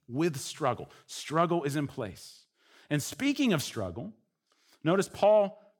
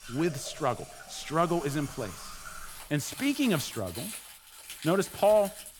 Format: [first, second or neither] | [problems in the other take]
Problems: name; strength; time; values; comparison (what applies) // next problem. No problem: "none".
first | household noises; noticeable; throughout; 15 dB below the speech